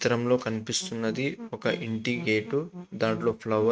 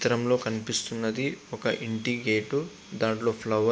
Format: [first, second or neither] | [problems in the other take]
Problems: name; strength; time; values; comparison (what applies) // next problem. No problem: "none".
second | noise reduction (neural mask model RNNoise)